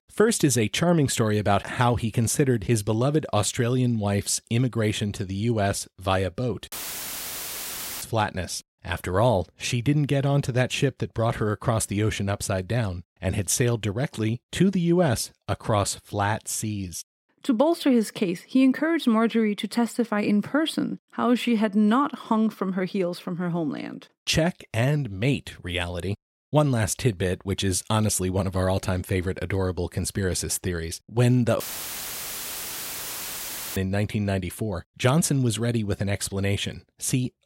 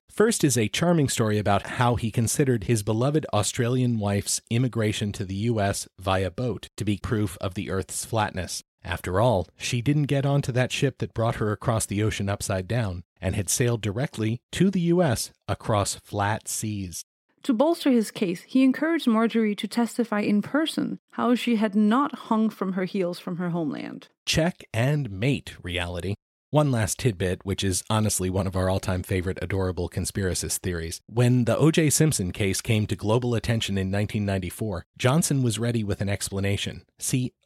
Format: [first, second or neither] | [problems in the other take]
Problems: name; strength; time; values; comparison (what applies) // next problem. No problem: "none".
second | audio cutting out; filled with static; at 6.5 s for 1.5 s and at 32 s for 2 s